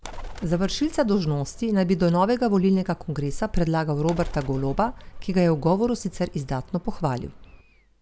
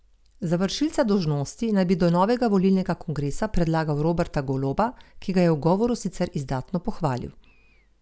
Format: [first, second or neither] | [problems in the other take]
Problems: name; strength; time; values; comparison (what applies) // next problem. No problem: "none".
second | background sound (Bird); 14 dB below the speech